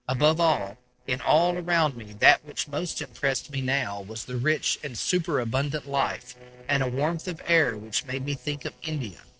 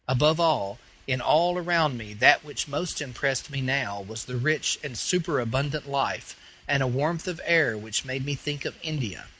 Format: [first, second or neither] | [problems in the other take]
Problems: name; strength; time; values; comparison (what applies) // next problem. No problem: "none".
second | noise reduction (neural separator model SepFormer DNS4)